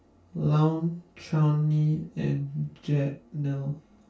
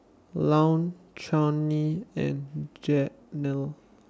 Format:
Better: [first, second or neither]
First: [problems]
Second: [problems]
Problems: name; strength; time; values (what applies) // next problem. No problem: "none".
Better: second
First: room echo; dies away in 0.2 s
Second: none